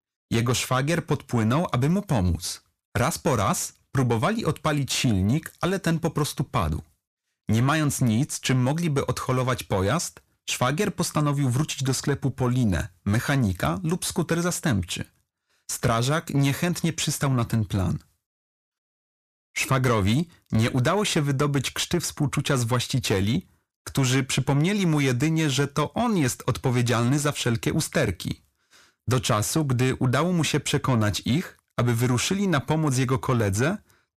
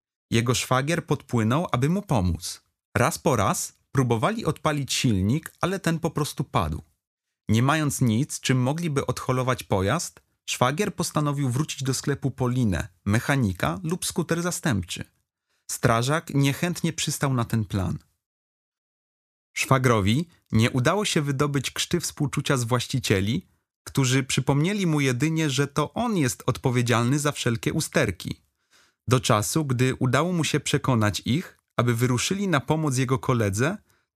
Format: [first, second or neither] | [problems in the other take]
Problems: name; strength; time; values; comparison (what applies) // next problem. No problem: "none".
second | distortion; slight; 10 dB below the speech